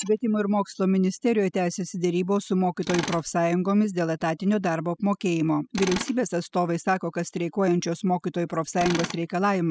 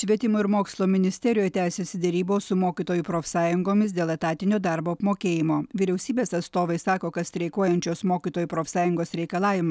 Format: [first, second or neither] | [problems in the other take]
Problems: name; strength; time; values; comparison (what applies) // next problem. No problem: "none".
second | noise reduction (classical method spectral subtraction)